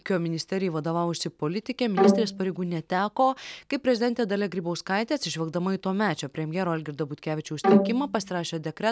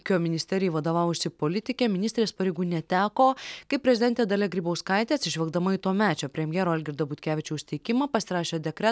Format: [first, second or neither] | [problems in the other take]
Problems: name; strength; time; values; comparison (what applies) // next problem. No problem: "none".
second | background sound (Bowed string instrument); 4 dB above the speech